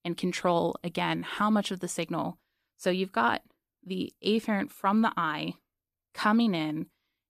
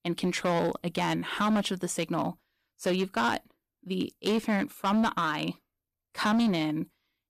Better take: first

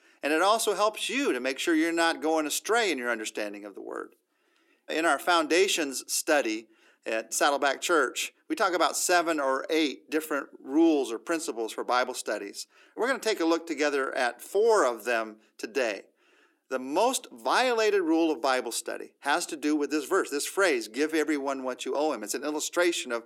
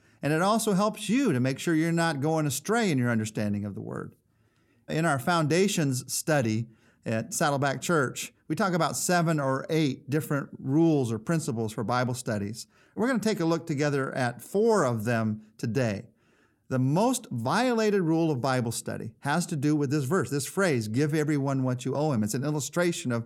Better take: second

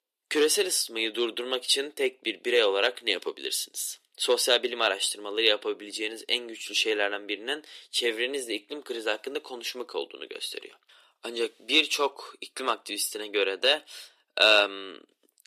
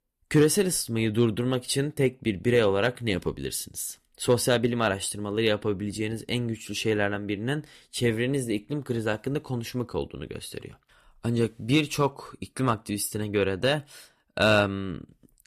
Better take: second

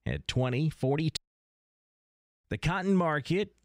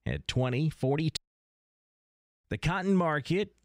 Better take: neither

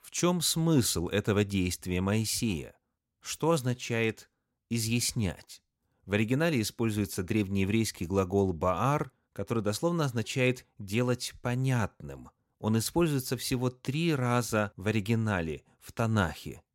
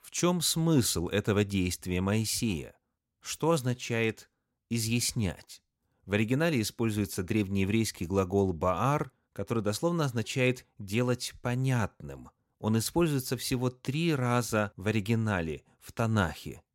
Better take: neither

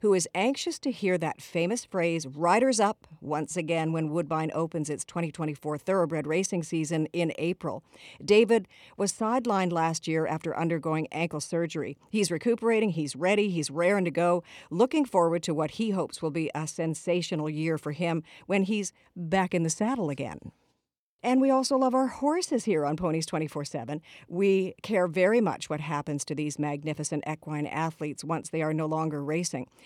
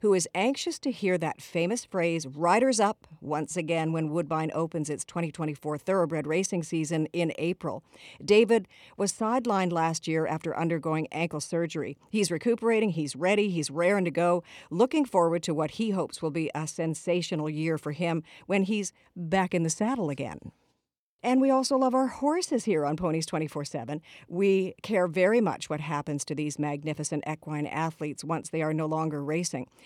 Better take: neither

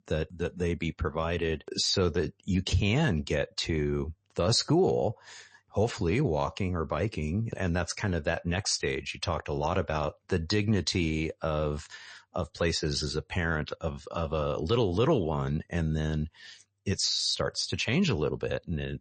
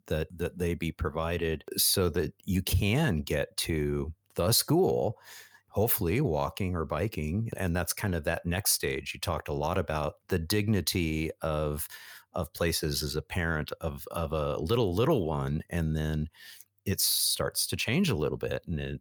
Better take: second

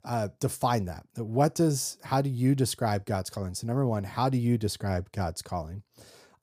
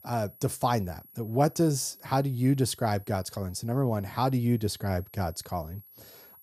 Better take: first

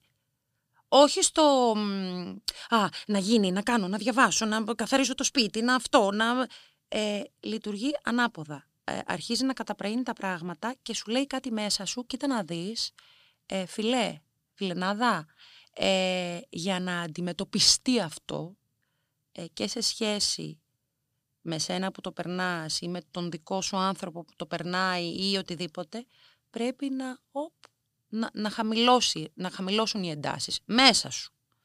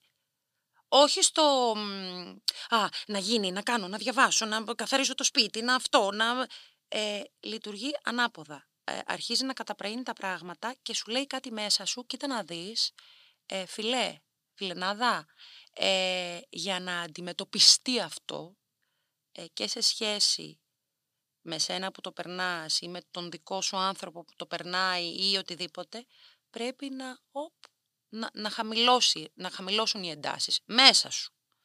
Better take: first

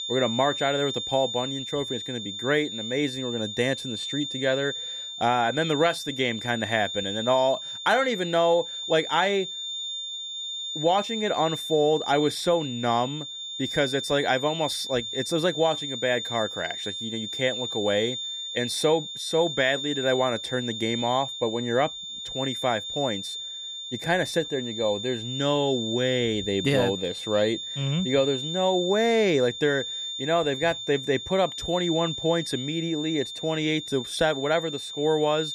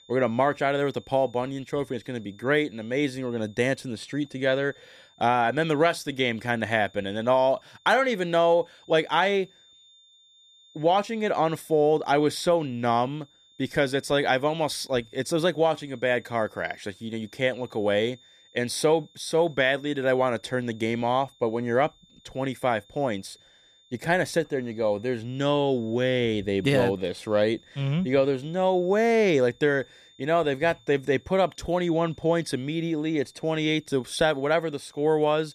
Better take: second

